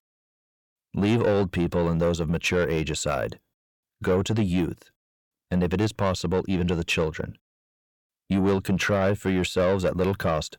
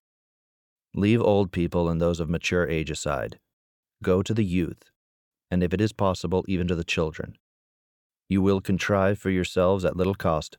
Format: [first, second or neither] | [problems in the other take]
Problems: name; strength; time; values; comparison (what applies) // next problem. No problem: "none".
second | distortion; slight; 10 dB below the speech